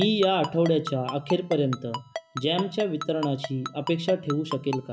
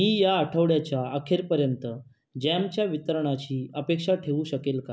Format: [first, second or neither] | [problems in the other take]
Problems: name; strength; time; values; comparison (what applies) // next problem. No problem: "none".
second | background sound (Ringtone); 11 dB below the speech